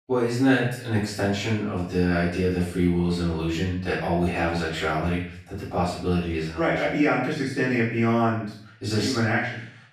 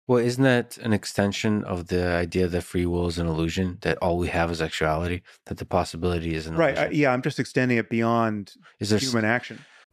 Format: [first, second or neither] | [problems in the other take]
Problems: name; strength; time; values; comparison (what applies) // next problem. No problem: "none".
second | off-mic speech; far // room echo; noticeable; dies away in 0.6 s